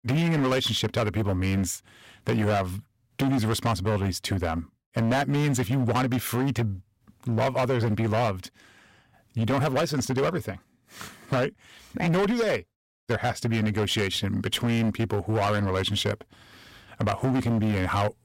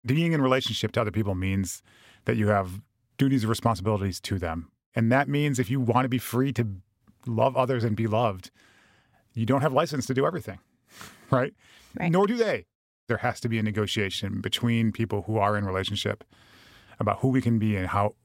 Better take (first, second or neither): second